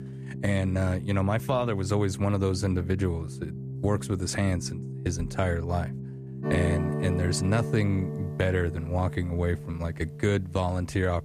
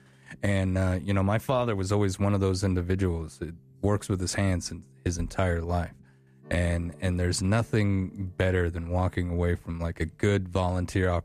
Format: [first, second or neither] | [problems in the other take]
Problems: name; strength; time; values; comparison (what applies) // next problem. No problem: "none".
second | background music; loud; throughout; 7 dB below the speech; faint in the second